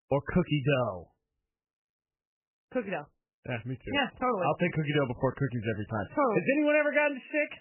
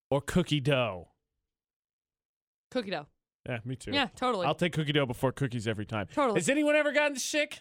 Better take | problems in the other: second | garbled, watery; badly; nothing above 3 kHz

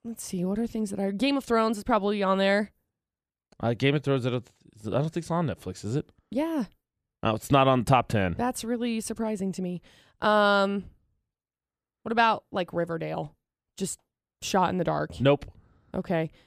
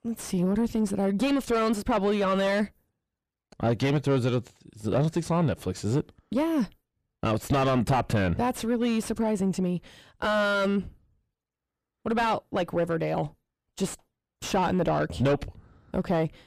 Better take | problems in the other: first | distortion; heavy; 5 dB below the speech

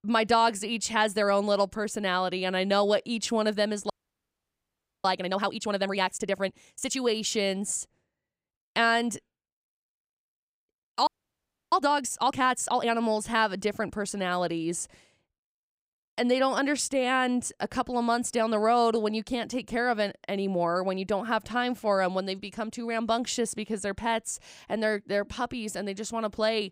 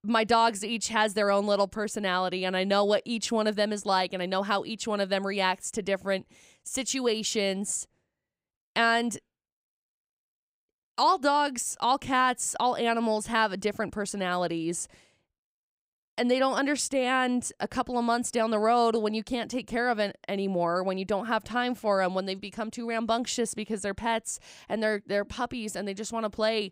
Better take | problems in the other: second | audio freezing; at 4 s for 1 s and at 11 s for 0.5 s

